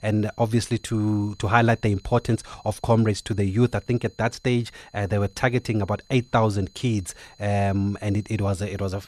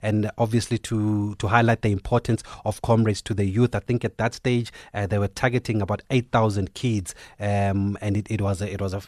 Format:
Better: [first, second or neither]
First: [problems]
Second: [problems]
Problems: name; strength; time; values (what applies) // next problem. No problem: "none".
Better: second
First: high-pitched whine; faint; throughout; 4 kHz, 30 dB below the speech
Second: none